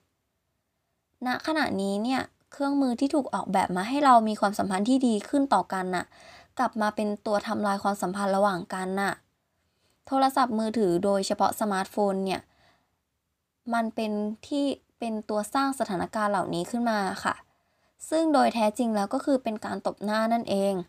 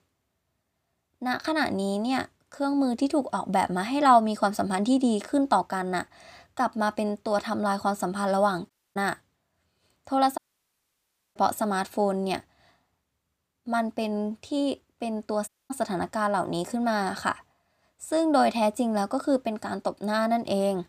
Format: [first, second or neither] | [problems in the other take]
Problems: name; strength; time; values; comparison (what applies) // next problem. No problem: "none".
first | audio cutting out; at 8.5 s, at 10 s for 1 s and at 15 s